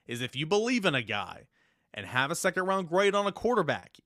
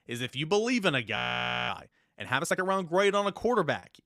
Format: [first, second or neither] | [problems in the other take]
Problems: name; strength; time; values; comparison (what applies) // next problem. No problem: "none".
first | audio freezing; at 1 s for 0.5 s